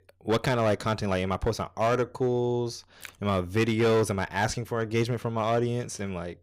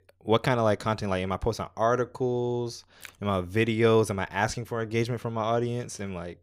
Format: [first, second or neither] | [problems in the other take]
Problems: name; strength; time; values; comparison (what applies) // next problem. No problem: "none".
second | distortion; slight; 6% of the sound clipped